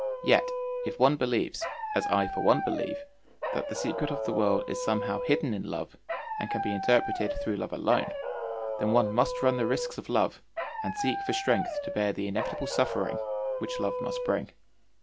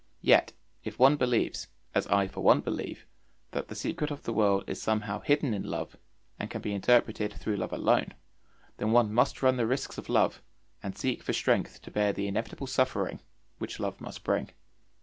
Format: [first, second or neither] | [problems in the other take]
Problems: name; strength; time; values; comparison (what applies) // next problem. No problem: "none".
second | background sound (Dog); 4 dB below the speech